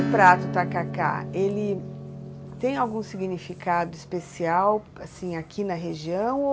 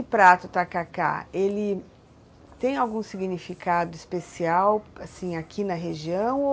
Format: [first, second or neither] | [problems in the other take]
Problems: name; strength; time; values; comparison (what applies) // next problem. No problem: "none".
second | background sound (Acoustic guitar / Strum); 9 dB below the speech